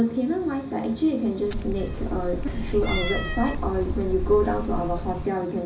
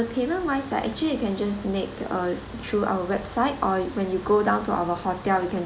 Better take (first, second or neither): second